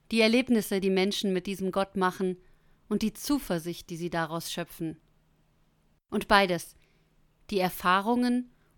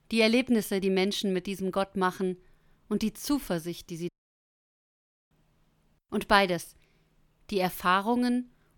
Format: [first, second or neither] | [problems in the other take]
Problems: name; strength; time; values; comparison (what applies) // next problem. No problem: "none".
first | audio cutting out; at 4 s for 1 s